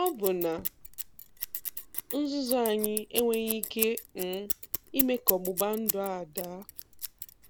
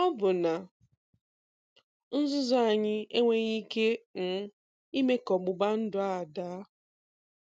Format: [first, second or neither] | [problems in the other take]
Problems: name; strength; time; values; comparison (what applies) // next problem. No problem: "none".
second | background sound (Scissors); 4 dB below the speech